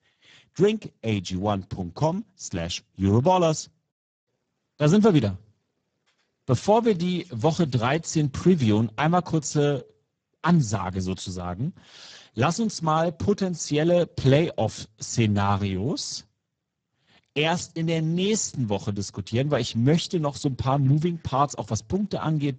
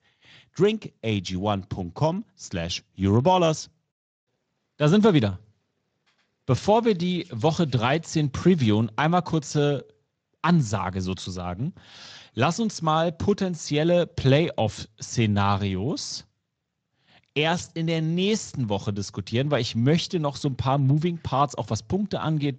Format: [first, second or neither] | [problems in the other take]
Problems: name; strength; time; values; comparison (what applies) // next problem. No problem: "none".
second | garbled, watery; badly; nothing above 7.5 kHz; slightly in the second